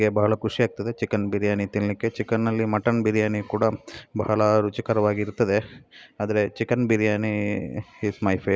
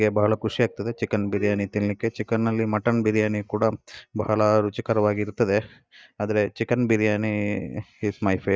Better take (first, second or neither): first